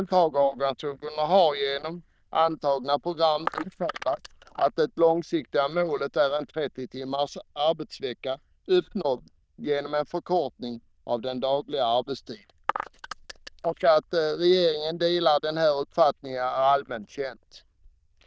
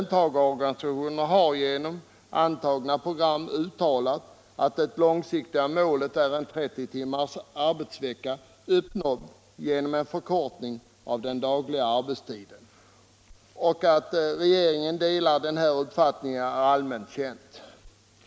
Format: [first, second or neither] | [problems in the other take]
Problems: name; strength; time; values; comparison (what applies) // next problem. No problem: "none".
second | noise reduction (neural diffusion model UNIVERSE++)